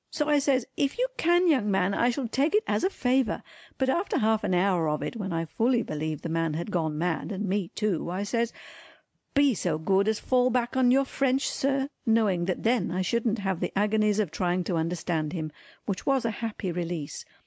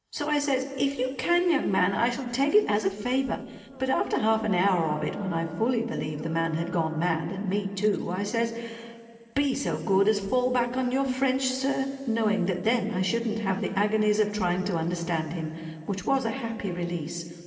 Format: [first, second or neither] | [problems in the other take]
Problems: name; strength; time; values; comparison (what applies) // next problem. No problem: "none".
first | noise reduction (neural separator model SepFormer DNS4)